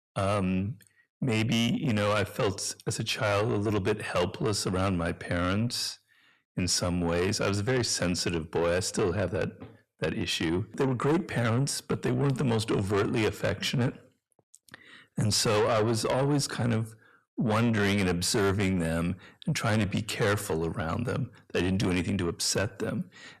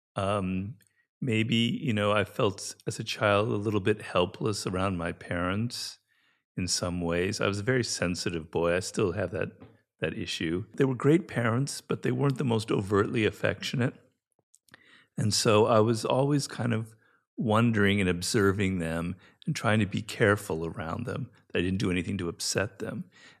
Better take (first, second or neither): second